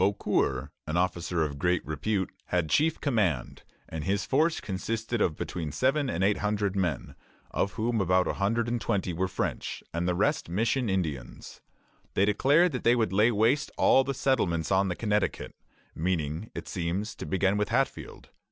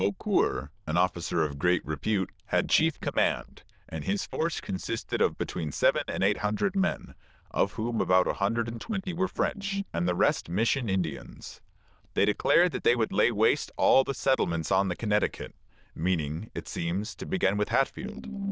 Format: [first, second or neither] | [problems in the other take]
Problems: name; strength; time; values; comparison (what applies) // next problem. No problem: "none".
first | noise reduction (neural diffusion model UNIVERSE++)